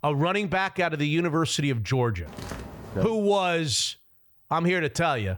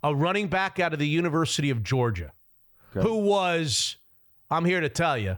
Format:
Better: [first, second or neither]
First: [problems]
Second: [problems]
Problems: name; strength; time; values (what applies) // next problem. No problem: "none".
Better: second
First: footsteps; faint; at 2.5 s; peak 10 dB below the speech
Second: none